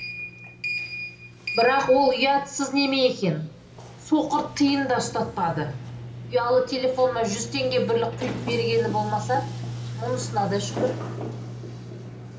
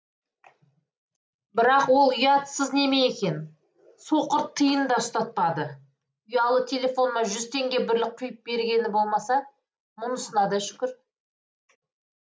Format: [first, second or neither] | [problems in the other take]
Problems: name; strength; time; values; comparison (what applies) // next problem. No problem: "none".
second | background sound (Sliding door); 9 dB below the speech // room echo; dies away in 1.9 s